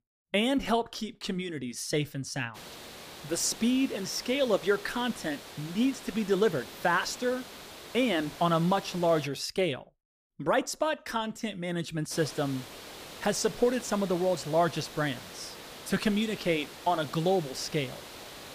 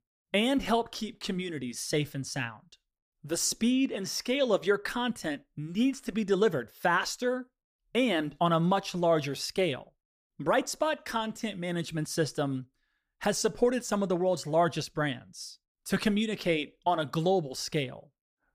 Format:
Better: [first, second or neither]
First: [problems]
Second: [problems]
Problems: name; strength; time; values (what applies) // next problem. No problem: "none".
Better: second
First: hiss; noticeable; from 2.5 to 9.5 s and from 12 s on; 15 dB below the speech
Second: none